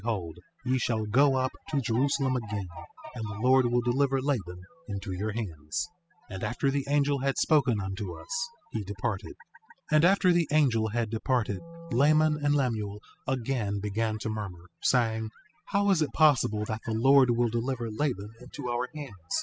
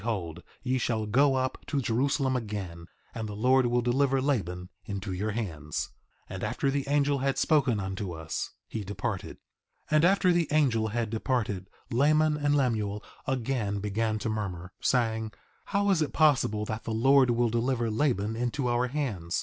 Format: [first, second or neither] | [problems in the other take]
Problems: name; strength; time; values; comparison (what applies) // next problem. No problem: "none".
second | noise reduction (classical method spectral subtraction)